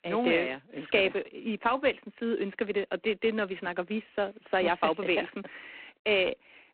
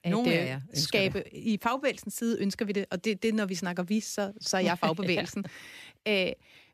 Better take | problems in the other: second | phone-call audio; poor line

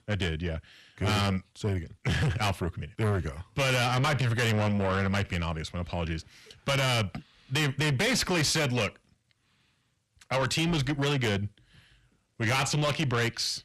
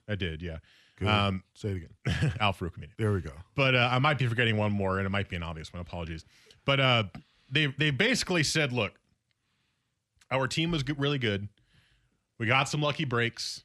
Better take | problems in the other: second | distortion; heavy; 6 dB below the speech

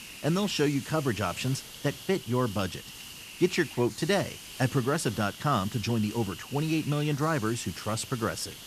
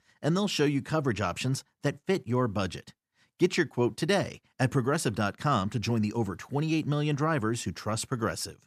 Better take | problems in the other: second | hiss; noticeable; throughout; 10 dB below the speech

